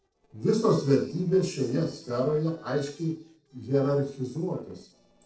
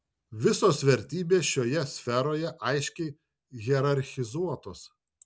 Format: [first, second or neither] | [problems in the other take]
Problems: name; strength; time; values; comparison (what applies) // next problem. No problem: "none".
second | noise reduction (neural separator model SepFormer DNS4)